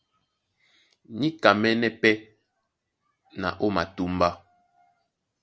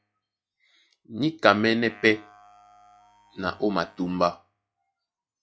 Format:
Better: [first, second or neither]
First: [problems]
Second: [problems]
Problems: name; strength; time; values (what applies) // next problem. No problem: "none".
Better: first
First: none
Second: noise reduction (classical method log-MMSE)